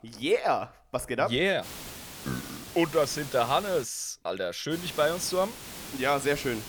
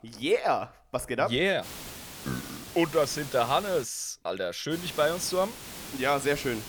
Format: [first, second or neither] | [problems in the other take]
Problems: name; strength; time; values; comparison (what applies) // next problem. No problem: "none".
neither | hiss; noticeable; from 1.5 to 4 s and from 4.5 s on; 10 dB below the speech; the same in both